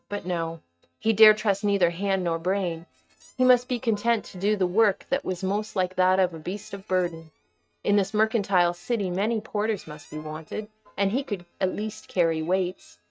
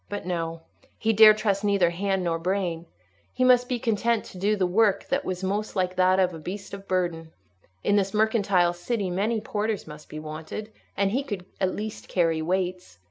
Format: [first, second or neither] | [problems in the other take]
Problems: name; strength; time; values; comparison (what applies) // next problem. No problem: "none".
second | noise reduction (neural mask model RNNoise)